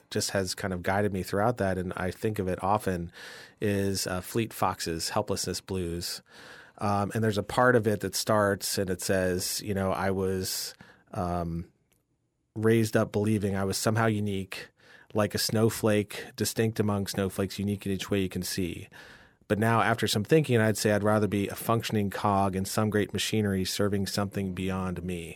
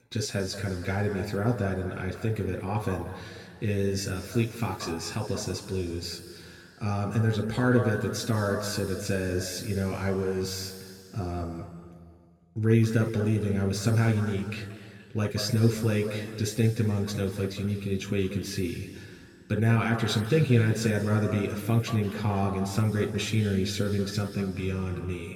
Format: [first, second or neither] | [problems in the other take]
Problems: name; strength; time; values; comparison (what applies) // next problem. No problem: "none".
first | room echo; noticeable; dies away in 2 s // off-mic speech; somewhat distant